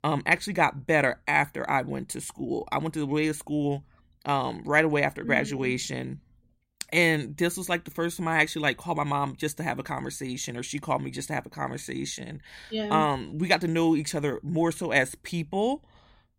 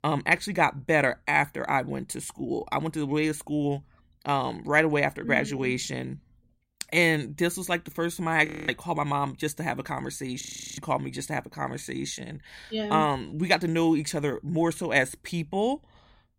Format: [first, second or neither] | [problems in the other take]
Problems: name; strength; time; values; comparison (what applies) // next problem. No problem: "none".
first | audio freezing; at 8.5 s and at 10 s